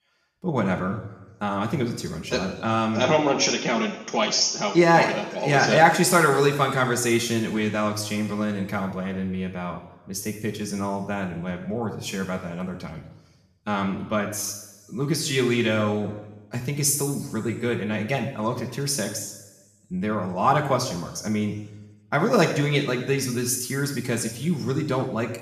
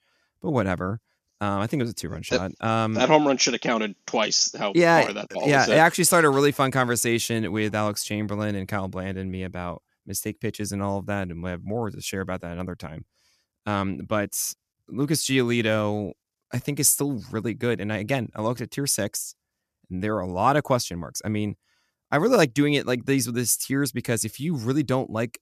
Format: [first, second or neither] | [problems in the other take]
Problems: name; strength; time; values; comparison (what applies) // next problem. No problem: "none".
second | room echo; noticeable; dies away in 1 s // off-mic speech; somewhat distant